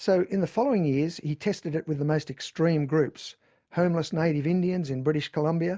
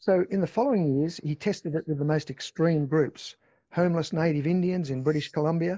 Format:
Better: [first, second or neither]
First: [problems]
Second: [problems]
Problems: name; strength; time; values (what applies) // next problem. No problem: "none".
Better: first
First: none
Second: noise reduction (neural mask model Resemble Enhance denoiser)